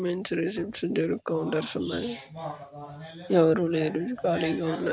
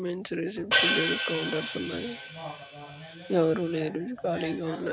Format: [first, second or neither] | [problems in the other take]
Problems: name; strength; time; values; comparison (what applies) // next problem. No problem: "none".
first | background sound (Hi-hat); 1 dB below the speech